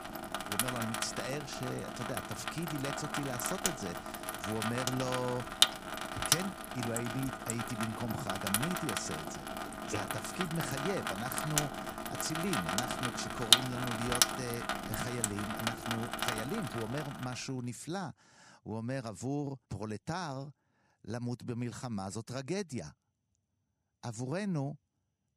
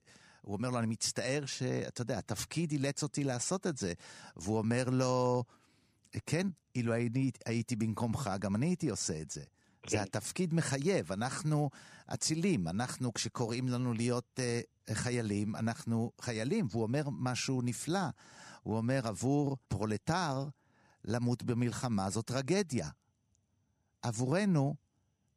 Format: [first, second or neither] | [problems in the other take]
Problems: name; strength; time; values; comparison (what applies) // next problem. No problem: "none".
second | household noises; very loud; until 17 s; 5 dB above the speech